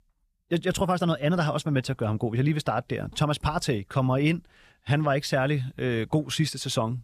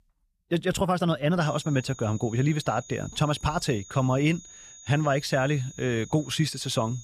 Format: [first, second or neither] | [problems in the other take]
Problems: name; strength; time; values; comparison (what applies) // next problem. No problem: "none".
first | high-pitched whine; noticeable; from 1.5 s on; 6.5 kHz, 20 dB below the speech